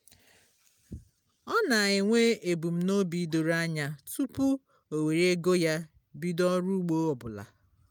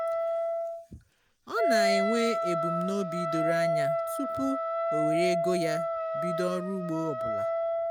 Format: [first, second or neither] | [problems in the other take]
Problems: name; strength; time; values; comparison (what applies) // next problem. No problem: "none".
first | background sound (Wind instrument, woodwind instrument); 4 dB above the speech